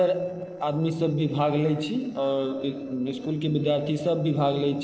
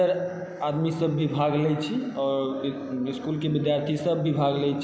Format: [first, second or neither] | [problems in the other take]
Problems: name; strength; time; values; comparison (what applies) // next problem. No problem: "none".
second | noise reduction (neural separator model SepFormer DNS4)